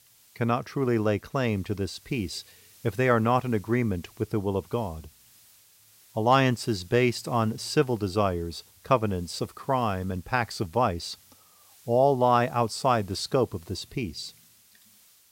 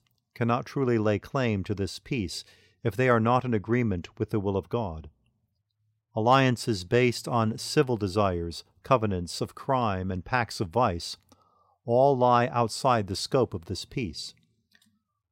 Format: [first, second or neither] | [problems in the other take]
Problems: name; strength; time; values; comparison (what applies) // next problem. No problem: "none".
second | hiss; faint; throughout; 25 dB below the speech